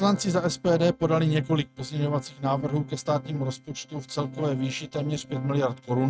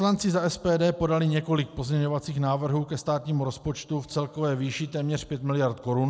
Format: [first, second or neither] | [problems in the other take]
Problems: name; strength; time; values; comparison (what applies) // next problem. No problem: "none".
second | noise reduction (neural mask model RNNoise)